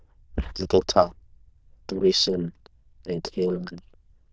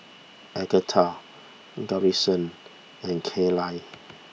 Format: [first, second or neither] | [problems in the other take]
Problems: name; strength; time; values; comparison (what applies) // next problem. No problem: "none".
second | noise reduction (neural diffusion model UNIVERSE++)